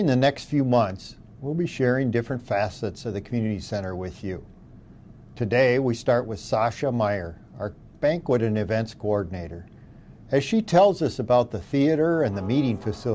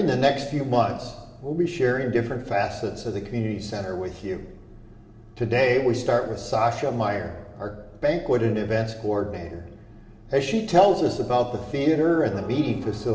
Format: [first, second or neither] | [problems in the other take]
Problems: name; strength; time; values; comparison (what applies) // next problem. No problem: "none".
first | room echo; dies away in 1 s